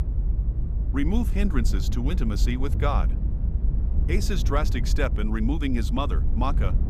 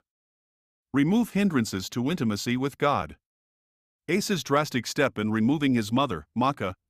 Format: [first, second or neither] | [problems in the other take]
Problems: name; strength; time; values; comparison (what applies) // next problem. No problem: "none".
second | low rumble; noticeable; throughout; 10 dB below the speech